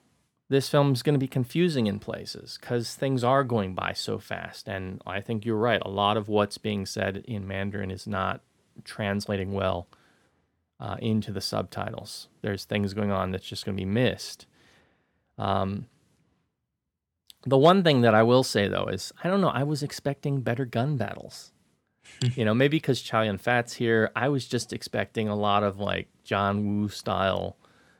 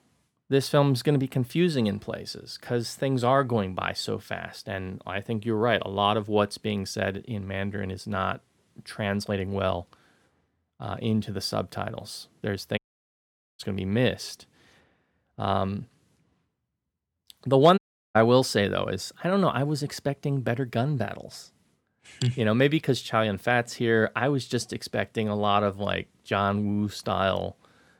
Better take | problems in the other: first | audio cutting out; at 13 s for 1 s and at 18 s

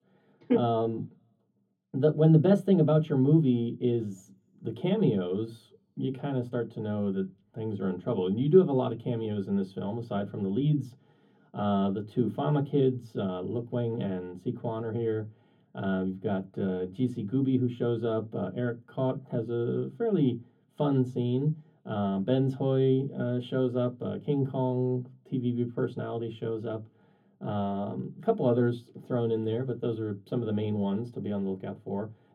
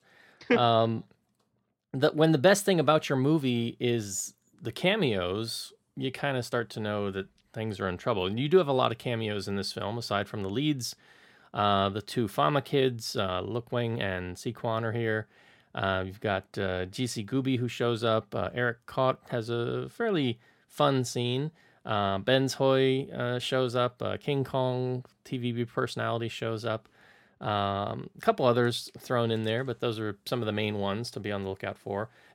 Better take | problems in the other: second | room echo; slight; dies away in 0.3 s // off-mic speech; far

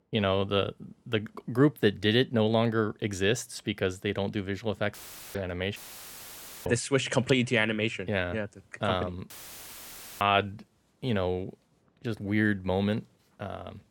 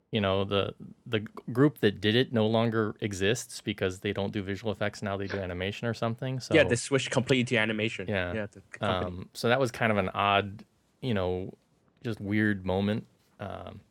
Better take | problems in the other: second | audio cutting out; filled with static; at 5 s, at 6 s for 1 s and at 9.5 s for 1 s

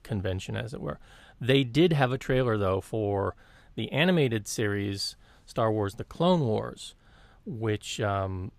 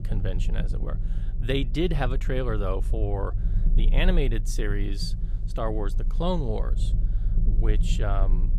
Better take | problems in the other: first | low rumble; noticeable; throughout; 15 dB below the speech

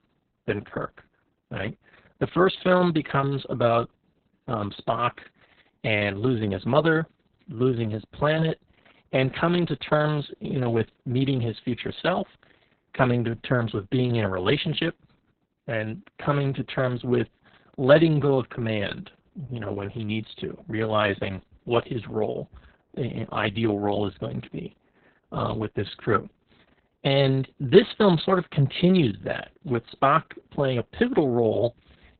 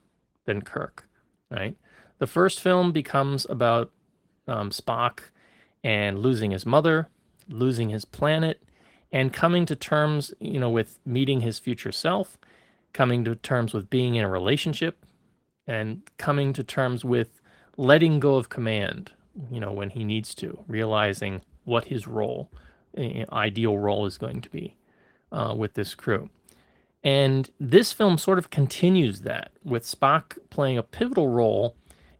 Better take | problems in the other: second | garbled, watery; badly; nothing above 4 kHz; slightly in the second

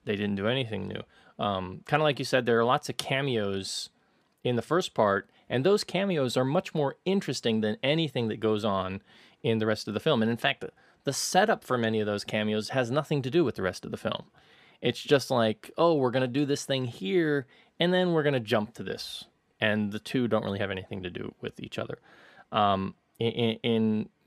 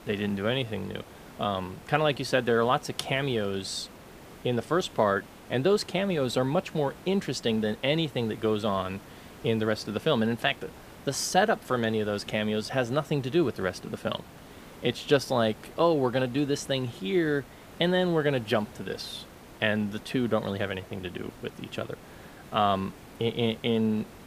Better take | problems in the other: first | hiss; noticeable; throughout; 20 dB below the speech

